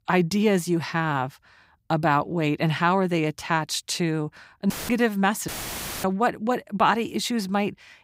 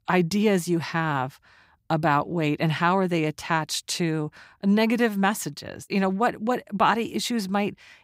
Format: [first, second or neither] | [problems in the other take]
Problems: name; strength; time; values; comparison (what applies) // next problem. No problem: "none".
second | audio cutting out; filled with static; at 4.5 s and at 5.5 s for 0.5 s